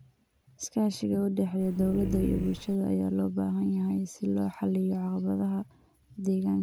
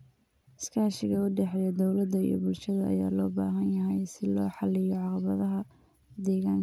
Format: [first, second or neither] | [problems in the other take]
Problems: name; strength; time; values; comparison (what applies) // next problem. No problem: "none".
second | background sound (Dog); 7 dB below the speech